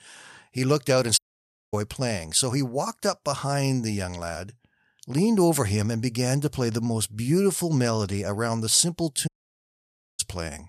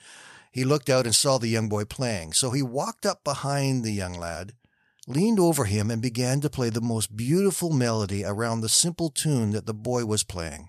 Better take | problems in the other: second | audio cutting out; at 1 s for 0.5 s and at 9.5 s for 1 s

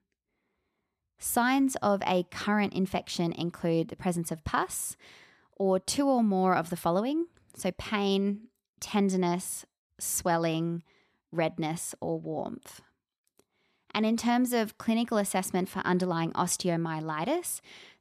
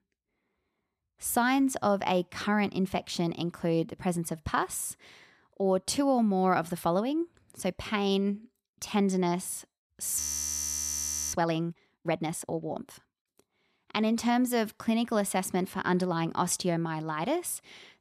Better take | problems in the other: first | audio freezing; at 10 s for 1 s

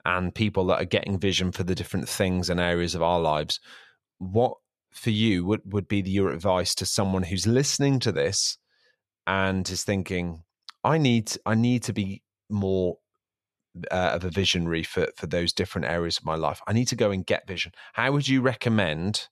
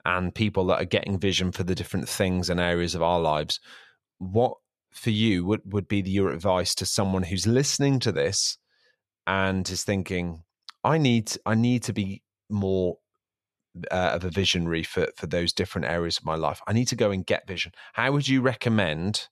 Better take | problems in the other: neither | none

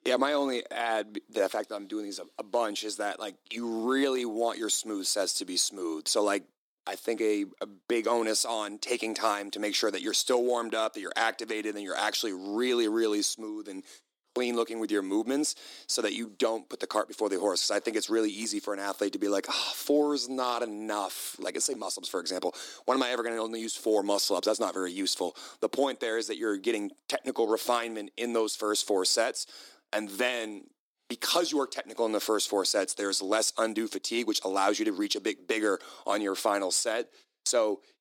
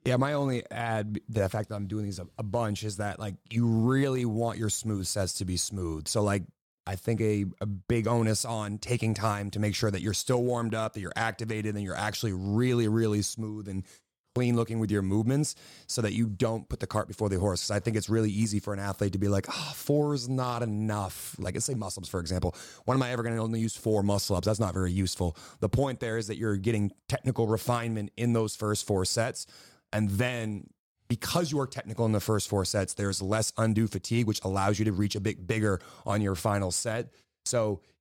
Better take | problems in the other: second | thin; somewhat; fading below 300 Hz

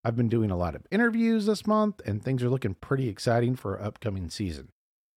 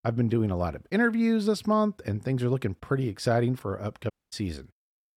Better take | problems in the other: first | audio cutting out; at 4 s

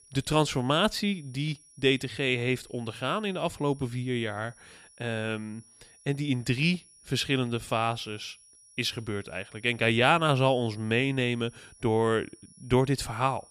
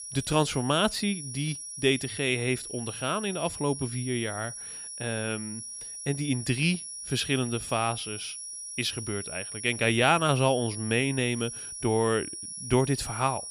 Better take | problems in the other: first | high-pitched whine; loud; throughout; 10 kHz, 8 dB below the speech; faint in the first

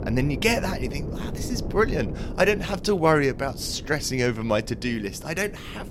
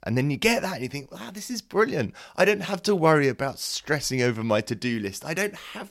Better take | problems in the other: second | wind noise on the microphone; occasional gusts; 15 dB below the speech

